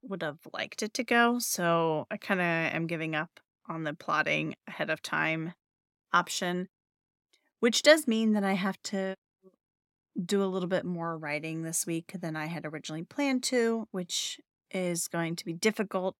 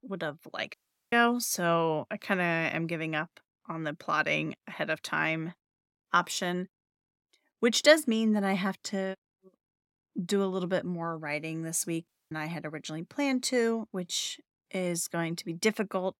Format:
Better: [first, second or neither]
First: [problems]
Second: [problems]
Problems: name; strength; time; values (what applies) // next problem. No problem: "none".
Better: first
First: none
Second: audio cutting out; at 0.5 s and at 12 s